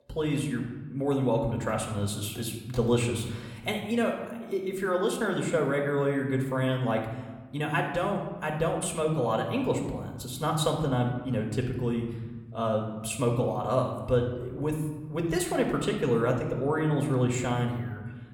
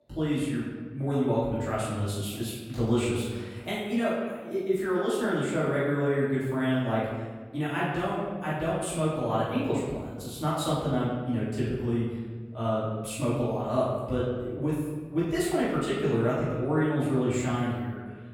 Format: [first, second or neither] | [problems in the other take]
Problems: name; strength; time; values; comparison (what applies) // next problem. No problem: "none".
first | room echo; strong; dies away in 1.3 s; slight in the first // off-mic speech; far; somewhat distant in the first